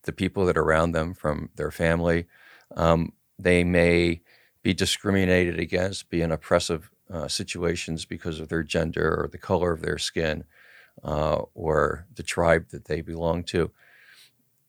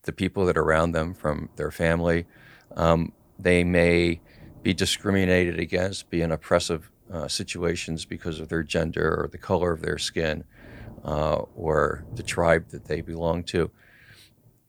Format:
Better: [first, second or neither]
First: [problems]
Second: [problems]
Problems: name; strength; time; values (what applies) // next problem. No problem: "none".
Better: first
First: none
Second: rain or running water; faint; throughout; 25 dB below the speech